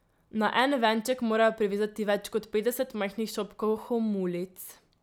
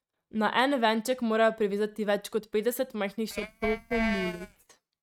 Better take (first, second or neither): first